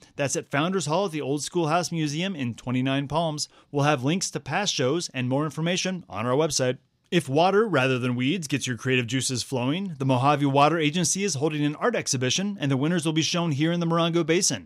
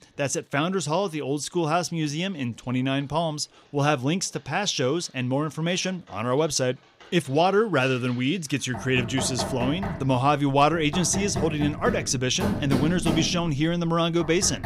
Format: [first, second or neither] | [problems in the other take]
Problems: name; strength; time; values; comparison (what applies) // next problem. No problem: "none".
first | household noises; loud; throughout; 7 dB below the speech